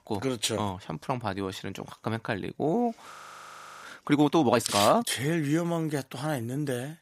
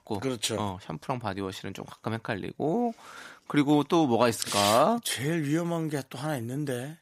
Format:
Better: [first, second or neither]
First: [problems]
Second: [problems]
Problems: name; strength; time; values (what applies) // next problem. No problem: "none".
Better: second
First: audio freezing; at 3 s for 0.5 s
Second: none